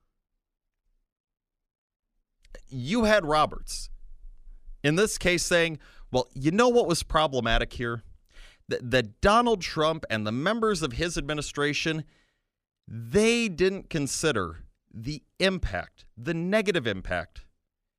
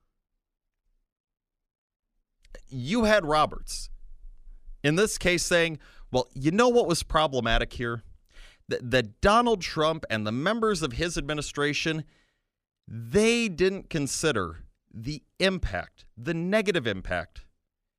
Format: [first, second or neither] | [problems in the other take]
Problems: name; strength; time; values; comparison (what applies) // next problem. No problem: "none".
neither | none